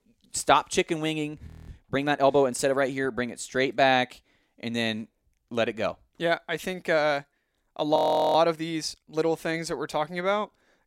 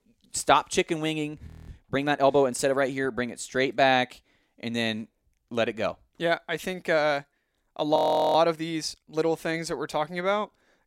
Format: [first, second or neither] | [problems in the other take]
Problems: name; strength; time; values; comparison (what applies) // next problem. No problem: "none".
neither | audio freezing; at 1.5 s and at 8 s; the same in both